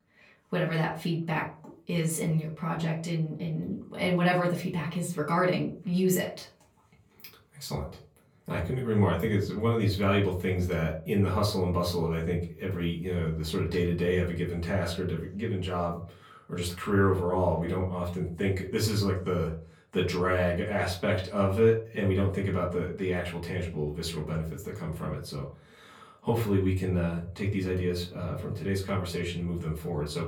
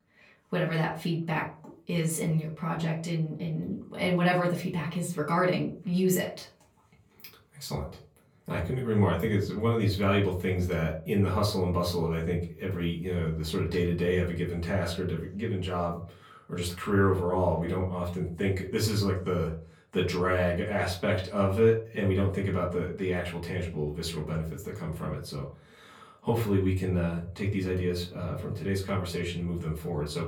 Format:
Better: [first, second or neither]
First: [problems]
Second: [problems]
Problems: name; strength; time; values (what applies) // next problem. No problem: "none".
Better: neither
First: room echo; slight; dies away in 0.3 s // off-mic speech; far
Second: room echo; slight; dies away in 0.3 s // off-mic speech; far